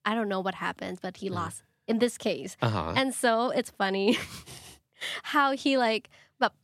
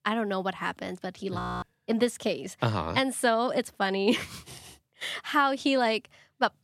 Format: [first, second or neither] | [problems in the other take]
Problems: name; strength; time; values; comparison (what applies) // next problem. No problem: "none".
first | audio freezing; at 1.5 s